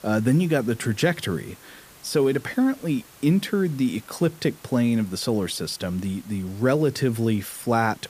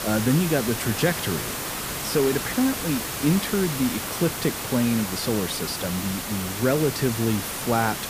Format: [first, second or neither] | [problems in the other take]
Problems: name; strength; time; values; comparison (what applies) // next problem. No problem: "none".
first | hiss; loud; throughout; 4 dB below the speech; faint in the first